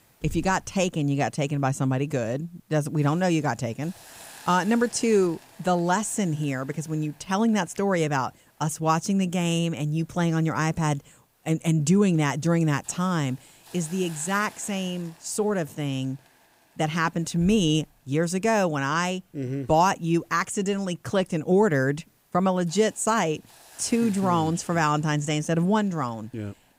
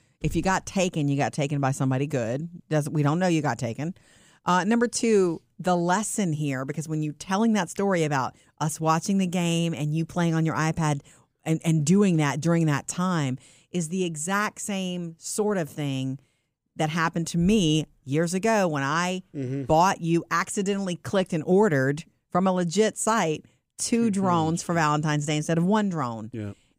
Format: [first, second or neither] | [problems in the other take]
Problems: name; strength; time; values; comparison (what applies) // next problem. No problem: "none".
second | hiss; faint; throughout; 25 dB below the speech